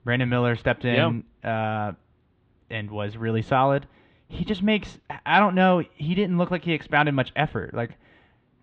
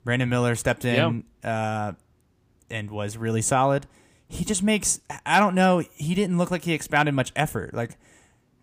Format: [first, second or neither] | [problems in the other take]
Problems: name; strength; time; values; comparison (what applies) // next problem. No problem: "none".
second | muffled; very; fading above 3.5 kHz